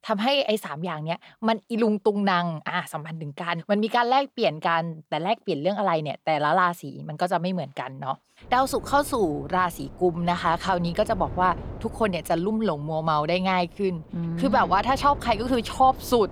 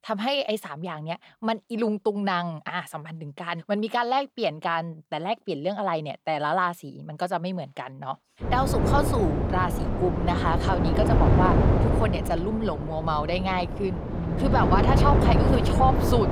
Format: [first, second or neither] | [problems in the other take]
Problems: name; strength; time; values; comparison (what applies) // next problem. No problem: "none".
first | wind noise on the microphone; heavy; from 8.5 s on; 2 dB below the speech; occasional gusts in the first